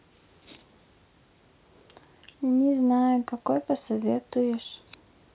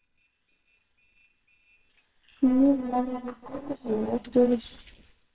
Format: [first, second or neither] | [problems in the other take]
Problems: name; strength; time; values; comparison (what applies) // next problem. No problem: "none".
first | noise reduction (neural separator model SepFormer WHAMR!)